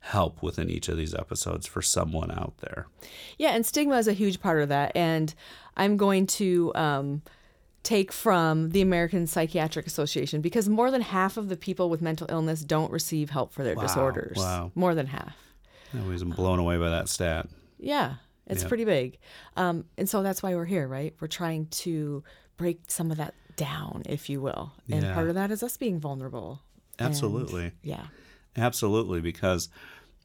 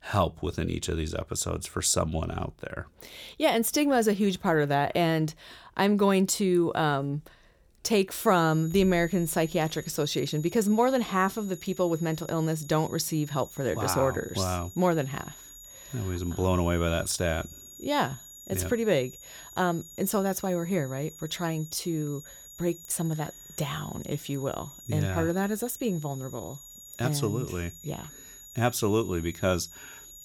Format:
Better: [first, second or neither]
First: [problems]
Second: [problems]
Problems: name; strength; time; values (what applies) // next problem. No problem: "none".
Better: first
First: none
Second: high-pitched whine; noticeable; from 8 s on; 7 kHz, 20 dB below the speech